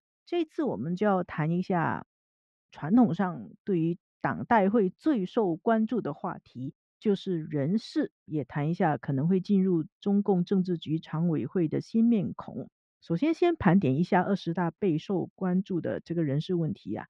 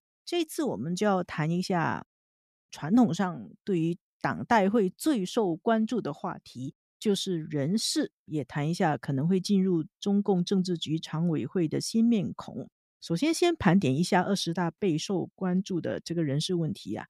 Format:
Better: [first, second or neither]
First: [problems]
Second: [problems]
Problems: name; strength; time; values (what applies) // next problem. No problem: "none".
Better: second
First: muffled; very; fading above 2 kHz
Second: none